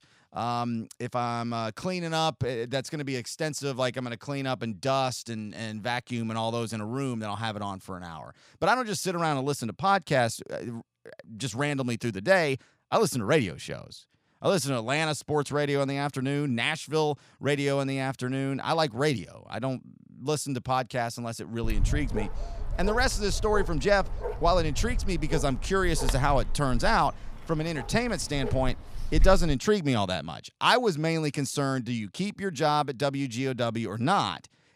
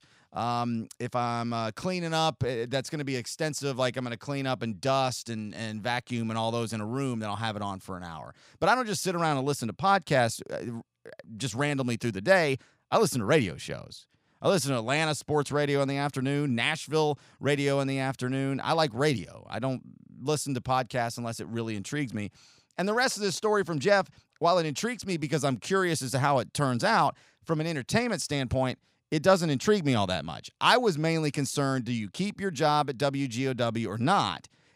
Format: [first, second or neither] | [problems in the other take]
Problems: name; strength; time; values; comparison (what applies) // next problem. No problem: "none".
second | dog barking; noticeable; from 22 to 30 s; peak 1 dB below the speech